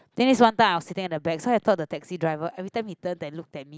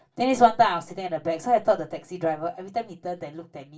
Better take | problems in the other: first | room echo; dies away in 0.2 s

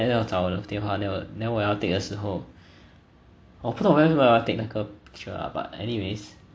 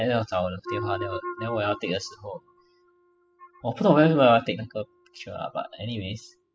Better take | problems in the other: first | noise reduction (classical method spectral subtraction)

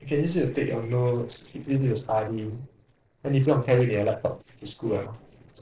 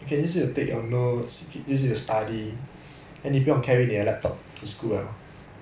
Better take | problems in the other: second | noise reduction (neural separator model SepFormer DNS4)

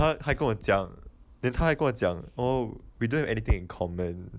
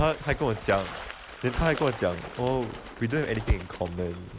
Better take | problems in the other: first | background sound (Water / Bird); 12 dB below the speech

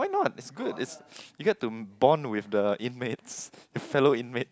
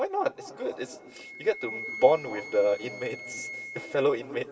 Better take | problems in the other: first | background sound (Wind instrument, woodwind instrument); 14 dB below the speech // room echo; dies away in 2.6 s

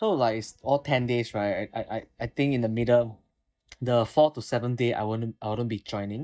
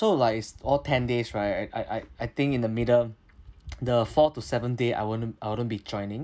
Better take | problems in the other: second | noise reduction (neural mask model DeepFilterNet 3)

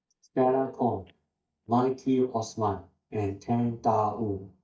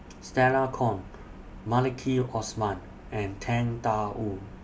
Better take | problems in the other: second | noise reduction (neural mask model DeepFilterNet 3)

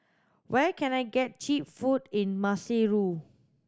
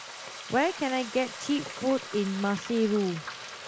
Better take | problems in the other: first | background sound (Frying (food)); 11 dB below the speech

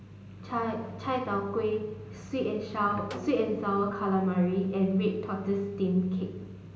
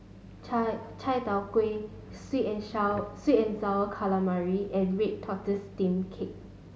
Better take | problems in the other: second | background sound (Snare drum); 18 dB below the speech // room echo; dies away in 0.9 s

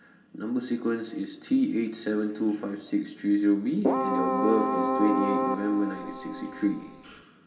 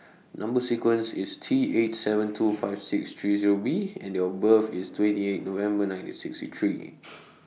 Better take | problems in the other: second | background sound (Keyboard (musical)); as loud as the speech // room echo; dies away in 3 s

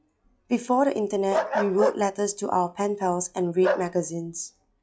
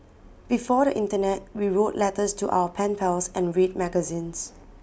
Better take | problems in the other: second | noise reduction (classical method log-MMSE)

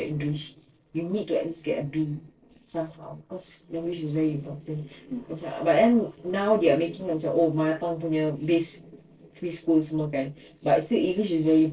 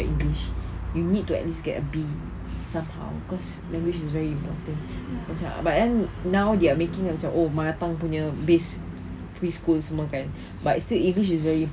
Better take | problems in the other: second | noise reduction (neural separator model SepFormer DNS4)

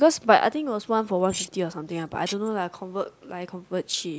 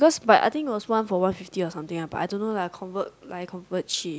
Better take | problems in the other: second | noise reduction (neural mask model Resemble Enhance denoiser)

